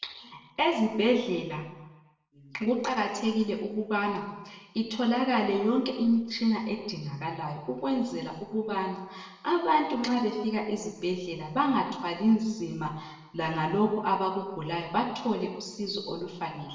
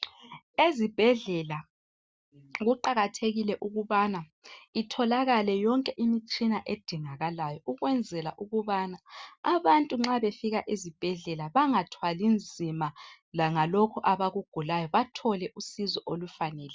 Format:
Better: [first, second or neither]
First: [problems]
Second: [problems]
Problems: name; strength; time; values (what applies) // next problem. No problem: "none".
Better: second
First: room echo; dies away in 0.9 s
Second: none